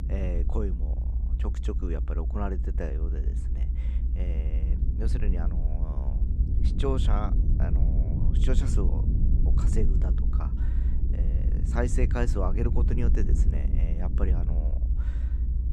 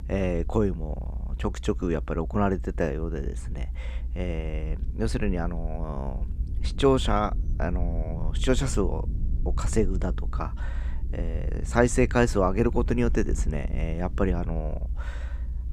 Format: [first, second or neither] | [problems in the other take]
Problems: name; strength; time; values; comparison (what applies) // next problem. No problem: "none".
second | low rumble; loud; throughout; 6 dB below the speech; faint in the second